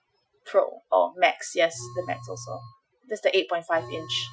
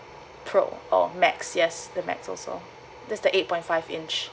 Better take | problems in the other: second | noise reduction (classical method Wiener filter)

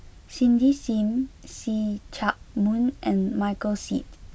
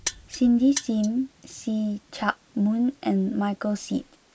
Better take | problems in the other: first | noise reduction (neural mask model Resemble Enhance denoiser)

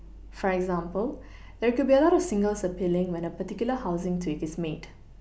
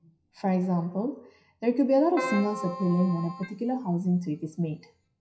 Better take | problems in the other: first | noise reduction (classical method WPE with log-MMSE)

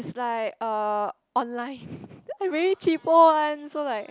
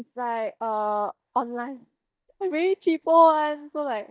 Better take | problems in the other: first | noise reduction (neural mask model DeepFilterNet 3)

